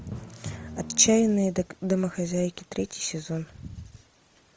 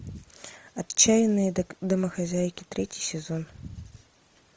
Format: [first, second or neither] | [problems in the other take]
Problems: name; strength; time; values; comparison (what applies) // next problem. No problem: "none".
second | background sound (Drum); 17 dB below the speech